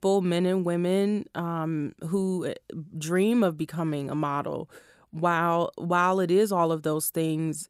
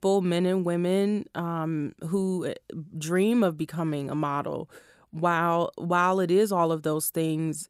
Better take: neither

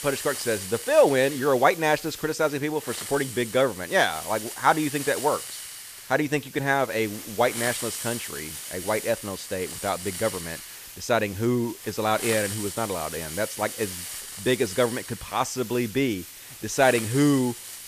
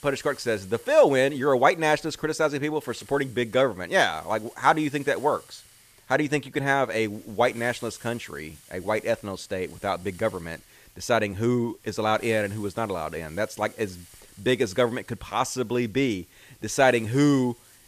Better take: second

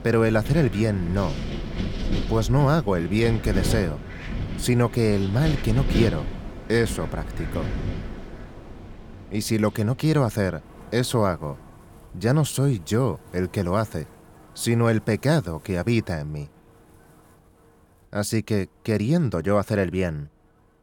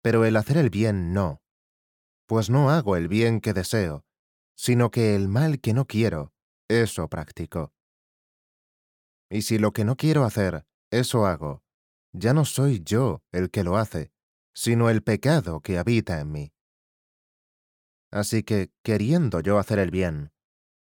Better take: second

